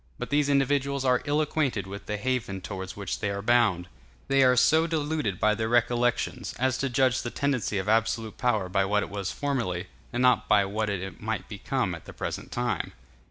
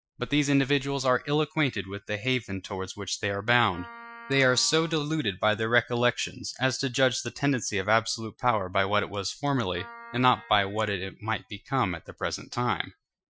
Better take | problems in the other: first | noise reduction (classical method Wiener filter)

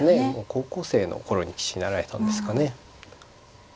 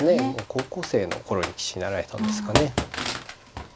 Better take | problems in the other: first | background sound (Computer keyboard); 5 dB below the speech

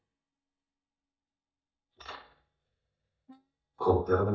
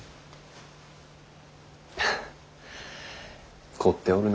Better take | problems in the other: second | noise reduction (neural mask model DeepFilterNet 3)

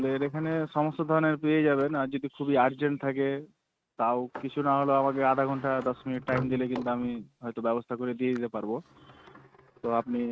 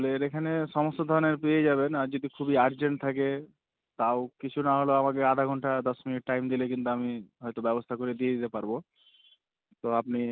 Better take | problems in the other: second | noise reduction (neural mask model RNNoise)

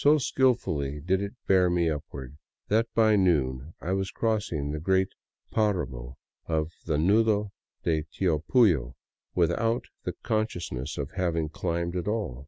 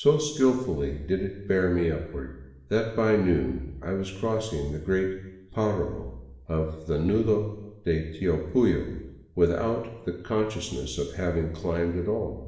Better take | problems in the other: first | room echo; dies away in 1 s

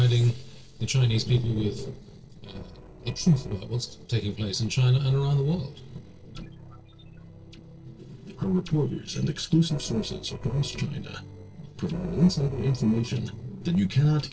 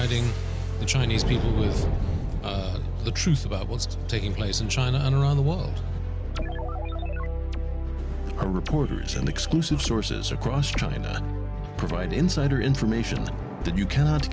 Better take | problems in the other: second | noise reduction (neural separator model SepFormer DNS4)

